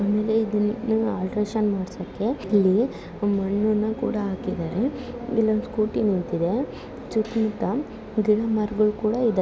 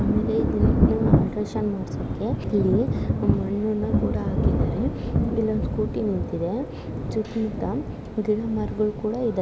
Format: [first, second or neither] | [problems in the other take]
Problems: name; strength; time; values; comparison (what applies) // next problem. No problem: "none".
first | background sound (Thunder); 1 dB above the speech